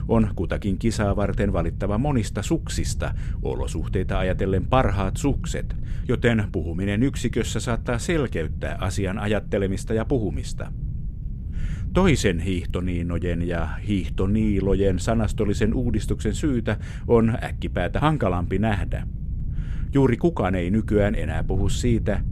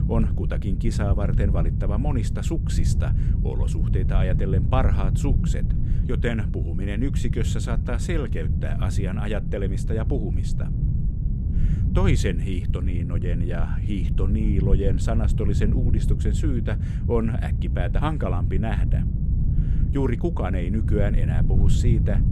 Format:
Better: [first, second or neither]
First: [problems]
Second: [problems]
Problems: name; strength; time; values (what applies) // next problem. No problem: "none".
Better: first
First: wind noise on the microphone; occasional gusts; 20 dB below the speech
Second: wind noise on the microphone; heavy; 6 dB below the speech